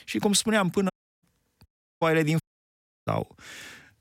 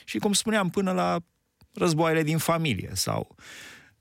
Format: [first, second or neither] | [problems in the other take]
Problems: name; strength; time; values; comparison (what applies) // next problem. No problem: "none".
second | audio cutting out; at 1 s, at 1.5 s and at 2.5 s for 0.5 s